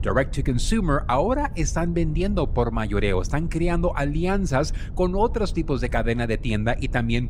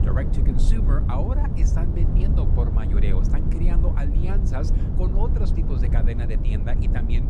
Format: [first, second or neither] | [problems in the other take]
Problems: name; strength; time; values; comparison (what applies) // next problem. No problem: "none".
first | low rumble; loud; throughout; 1 dB below the speech; faint in the first